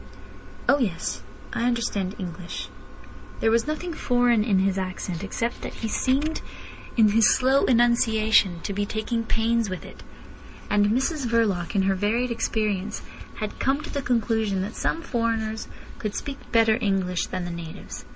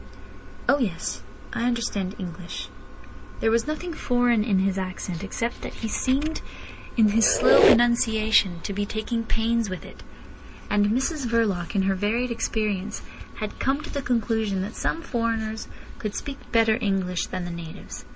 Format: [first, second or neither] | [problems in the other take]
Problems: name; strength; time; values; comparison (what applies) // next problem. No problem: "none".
first | background sound (Squeak); 2 dB below the speech